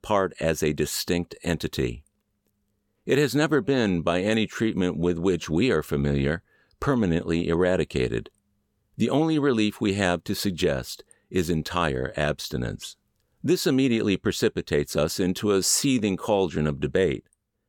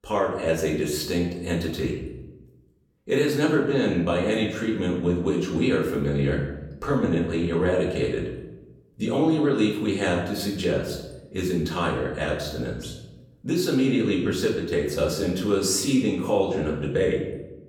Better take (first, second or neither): first